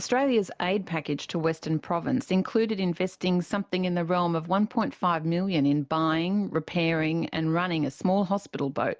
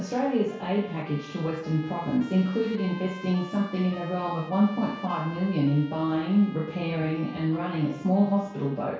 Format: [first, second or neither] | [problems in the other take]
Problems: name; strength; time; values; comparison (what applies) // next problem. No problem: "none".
first | background sound (Trumpet); 19 dB below the speech // room echo; dies away in 0.6 s